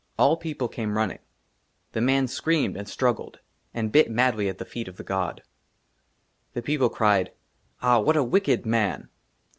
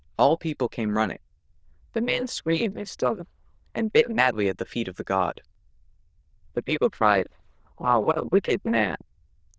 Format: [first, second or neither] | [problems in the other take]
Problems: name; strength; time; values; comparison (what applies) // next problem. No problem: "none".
first | noise reduction (neural diffusion model UNIVERSE++)